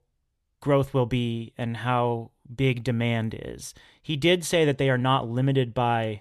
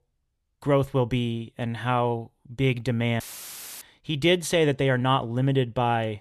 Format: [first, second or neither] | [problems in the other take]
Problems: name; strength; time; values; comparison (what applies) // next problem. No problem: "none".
first | audio cutting out; filled with static; at 3 s for 0.5 s